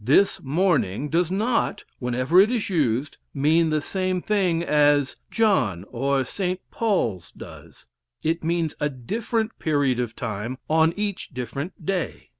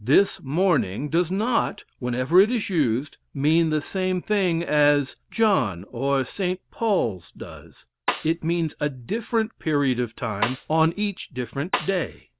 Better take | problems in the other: first | background sound (Snare drum); 7 dB below the speech

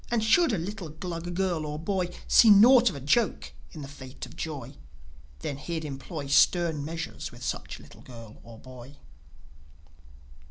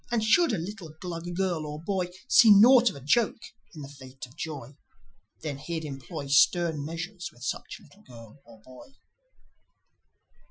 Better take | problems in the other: first | noise reduction (classical method Wiener filter)

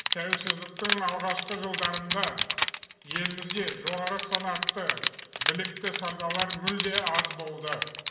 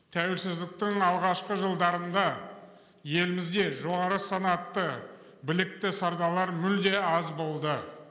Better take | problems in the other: second | background sound (Crushing); 2 dB above the speech // room echo; dies away in 0.7 s

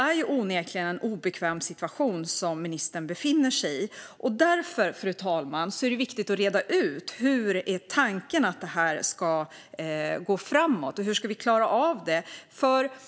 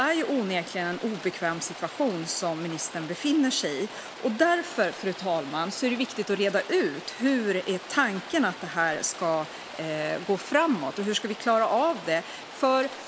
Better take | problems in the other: first | background sound (Rain); 14 dB below the speech

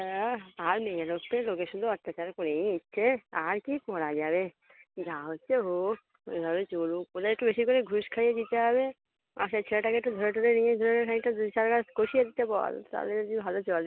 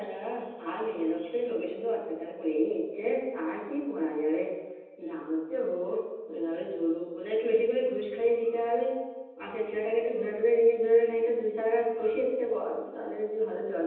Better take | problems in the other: first | room echo; dies away in 1.1 s

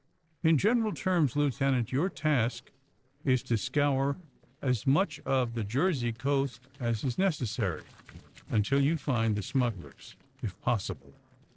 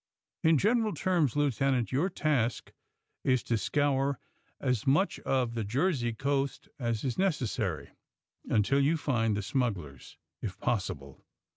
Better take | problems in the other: second | noise reduction (neural separator model SepFormer DNS4)

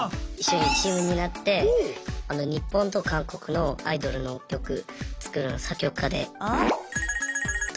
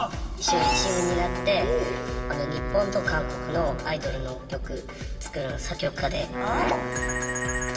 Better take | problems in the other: first | background sound (Wind instrument, woodwind instrument); 7 dB below the speech // room echo; dies away in 2.4 s

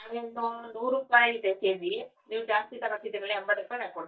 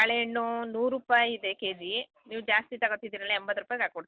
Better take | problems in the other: second | noise reduction (neural mask model DeepFilterNet 3)

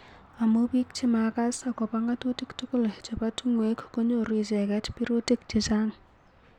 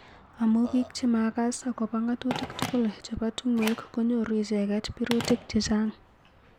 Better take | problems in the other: first | background sound (Telephone + Burping, eructation); 14 dB below the speech

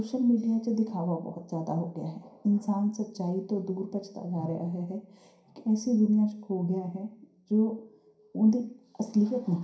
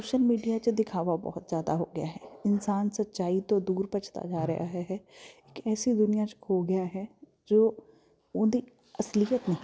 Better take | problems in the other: second | room echo; dies away in 0.5 s

